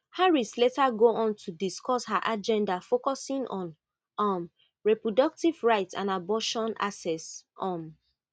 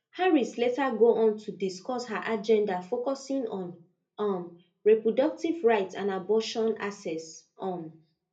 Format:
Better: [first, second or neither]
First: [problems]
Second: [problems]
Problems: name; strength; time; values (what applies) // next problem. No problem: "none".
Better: first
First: none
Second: room echo; dies away in 0.3 s